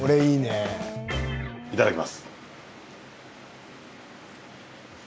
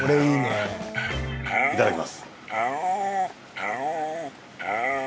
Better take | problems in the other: first | background sound (Dog); as loud as the speech

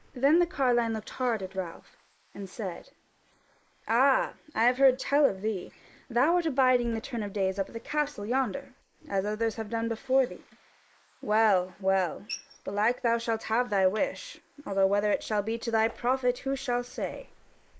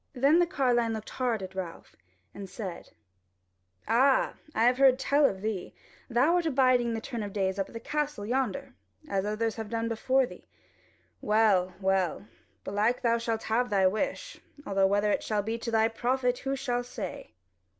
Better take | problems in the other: second | noise reduction (neural mask model Resemble Enhance denoiser)

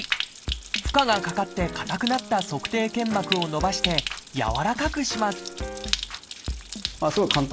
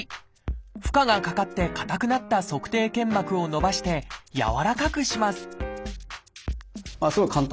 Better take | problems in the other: second | background sound (Stream); 7 dB below the speech

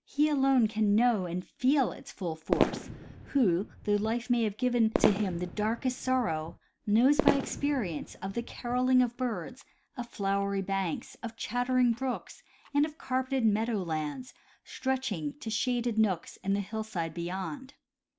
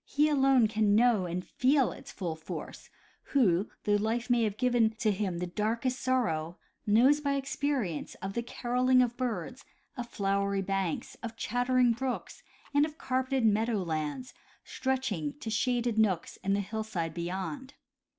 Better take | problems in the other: second | background sound (Fireworks); 4 dB below the speech

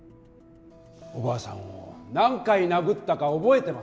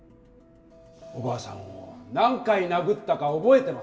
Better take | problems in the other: first | room echo; dies away in 0.7 s

